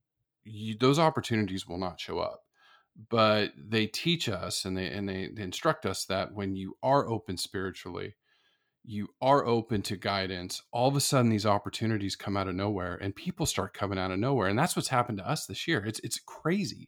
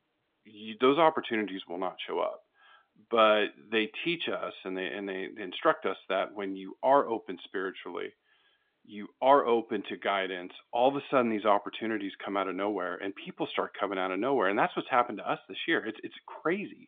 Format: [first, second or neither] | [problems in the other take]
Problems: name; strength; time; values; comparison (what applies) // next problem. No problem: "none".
first | phone-call audio; nothing above 3.5 kHz